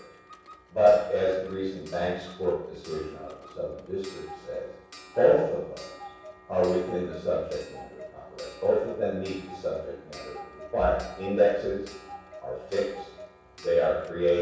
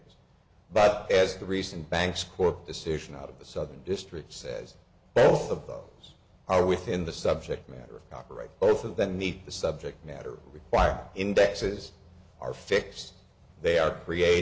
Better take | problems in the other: second | background sound (Clock); 18 dB below the speech // room echo; dies away in 0.7 s

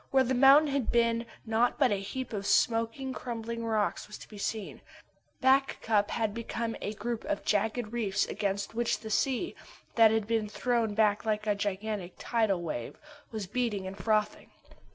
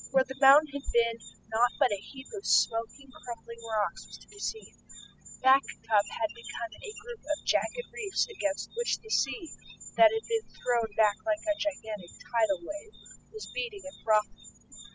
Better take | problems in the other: first | noise reduction (classical method spectral subtraction)

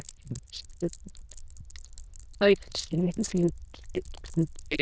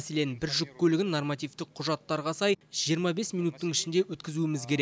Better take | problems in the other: second | noise reduction (neural diffusion model UNIVERSE++)

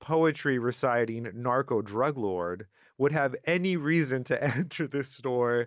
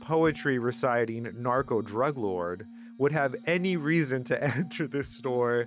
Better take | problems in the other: first | background sound (Glass + Bass drum); 19 dB below the speech

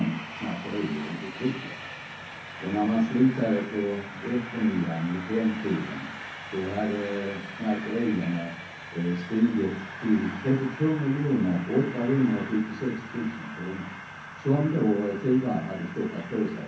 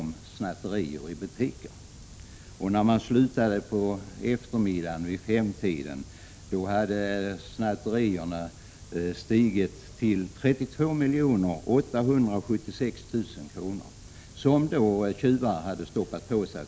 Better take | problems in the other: second | background sound (Train); 13 dB below the speech // room echo; dies away in 0.6 s

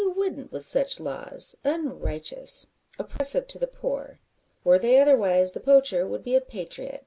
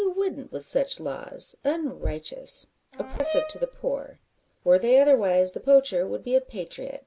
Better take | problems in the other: first | background sound (Brass instrument); 10 dB below the speech

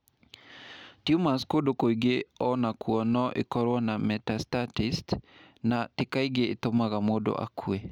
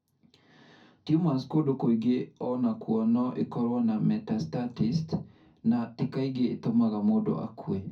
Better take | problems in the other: first | room echo; dies away in 0.3 s

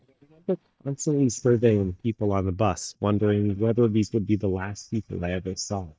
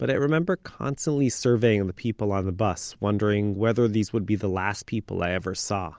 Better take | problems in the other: second | noise reduction (neural mask model DeepFilterNet 3)

